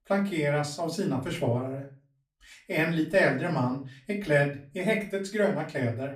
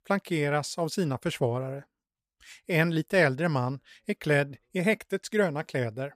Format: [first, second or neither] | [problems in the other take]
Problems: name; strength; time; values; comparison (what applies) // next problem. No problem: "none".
second | off-mic speech; far // room echo; very slight; dies away in 0.3 s